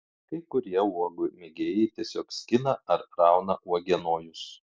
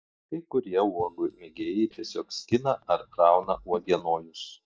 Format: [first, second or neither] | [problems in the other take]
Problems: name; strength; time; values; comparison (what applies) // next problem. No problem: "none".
first | noise reduction (neural mask model DeepFilterNet 3)